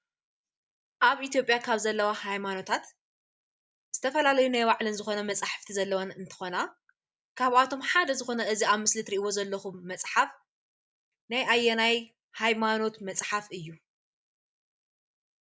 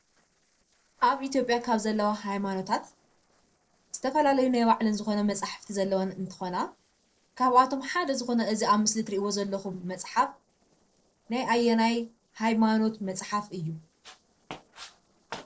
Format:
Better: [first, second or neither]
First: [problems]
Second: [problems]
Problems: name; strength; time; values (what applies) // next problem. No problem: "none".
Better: first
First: none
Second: noise reduction (neural separator model SepFormer DNS4)